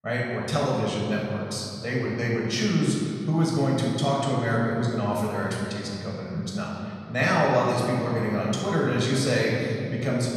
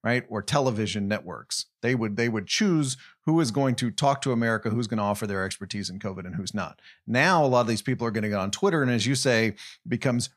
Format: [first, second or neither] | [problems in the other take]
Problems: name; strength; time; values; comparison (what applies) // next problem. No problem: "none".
second | off-mic speech; far // room echo; noticeable; dies away in 2.6 s